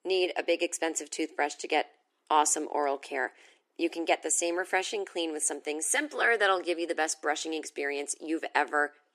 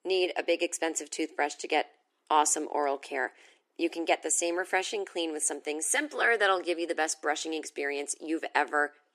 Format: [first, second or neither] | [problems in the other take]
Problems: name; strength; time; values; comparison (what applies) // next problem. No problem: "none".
neither | thin; somewhat; fading below 300 Hz; the same in both